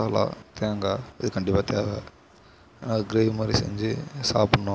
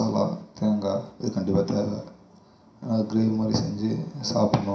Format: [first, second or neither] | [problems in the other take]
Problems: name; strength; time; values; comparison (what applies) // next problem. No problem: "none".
first | room echo; dies away in 0.5 s